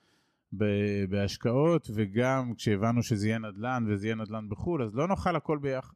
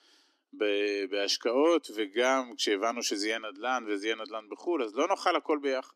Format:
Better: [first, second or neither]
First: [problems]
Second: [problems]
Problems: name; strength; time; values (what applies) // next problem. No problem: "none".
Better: first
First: none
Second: thin; somewhat; fading below 250 Hz